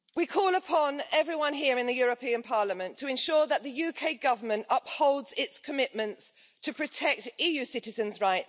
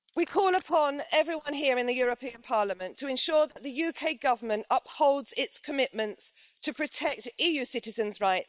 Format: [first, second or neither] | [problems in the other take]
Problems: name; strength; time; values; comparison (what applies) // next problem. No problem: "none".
first | noise reduction (neural separator model SepFormer WHAM!)